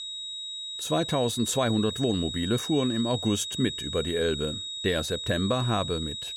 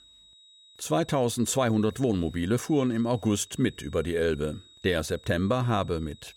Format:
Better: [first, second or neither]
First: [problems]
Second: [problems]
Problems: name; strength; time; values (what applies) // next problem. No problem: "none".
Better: second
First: high-pitched whine; loud; throughout; 4 kHz, 5 dB below the speech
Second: high-pitched whine; faint; throughout; 4 kHz, 25 dB below the speech